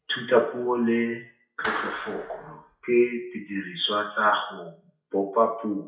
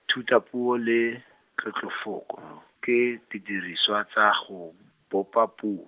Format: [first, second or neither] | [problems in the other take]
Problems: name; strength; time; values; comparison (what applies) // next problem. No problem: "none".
second | noise reduction (classical method WPE with log-MMSE)